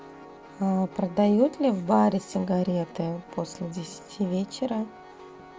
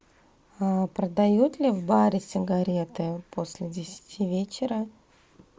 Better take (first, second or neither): second